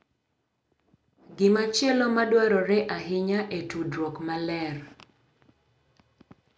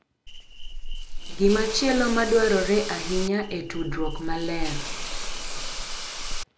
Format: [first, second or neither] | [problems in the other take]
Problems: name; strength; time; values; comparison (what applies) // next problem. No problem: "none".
first | background sound (Hiss / Insect); 3 dB below the speech